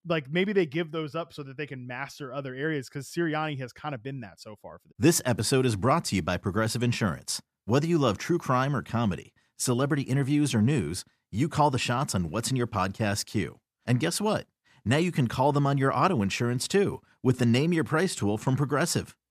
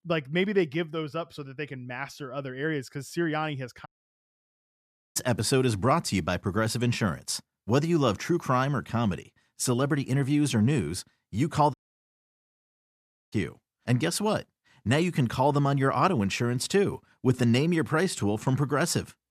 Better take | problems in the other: first | audio cutting out; at 4 s for 1.5 s and at 12 s for 1.5 s

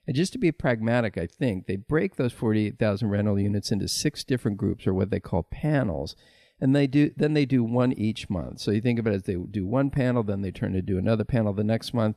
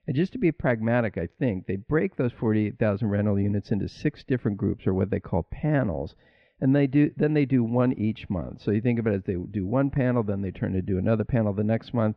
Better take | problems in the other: first | muffled; very; fading above 2.5 kHz

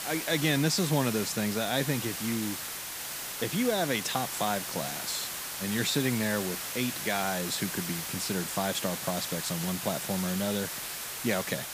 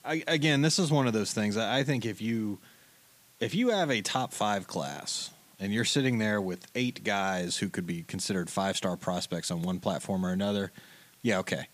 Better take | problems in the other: second | hiss; loud; throughout; 3 dB below the speech; faint in the second

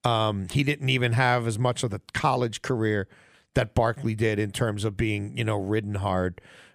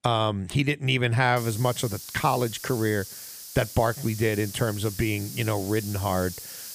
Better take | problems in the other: first | hiss; noticeable; from 1.5 s on; 10 dB below the speech

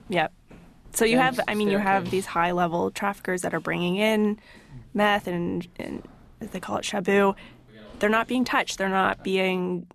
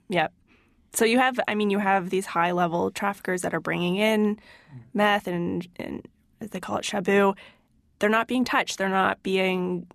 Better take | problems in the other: second | footsteps; noticeable; until 9.5 s; peak 8 dB below the speech

